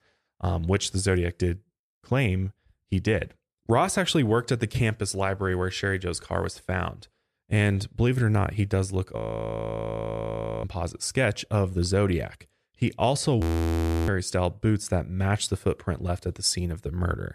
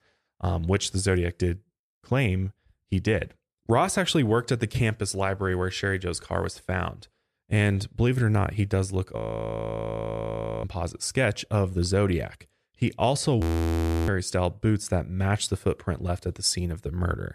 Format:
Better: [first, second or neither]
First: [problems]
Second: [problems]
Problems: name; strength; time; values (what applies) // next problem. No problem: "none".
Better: neither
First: audio freezing; at 9 s for 1.5 s and at 13 s for 0.5 s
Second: audio freezing; at 9 s for 1.5 s and at 13 s for 0.5 s